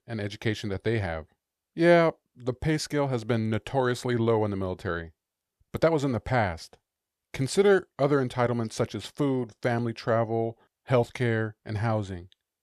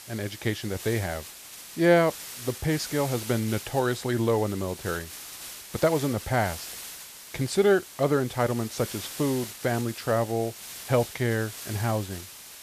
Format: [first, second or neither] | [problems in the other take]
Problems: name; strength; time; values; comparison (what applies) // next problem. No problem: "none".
first | hiss; noticeable; throughout; 10 dB below the speech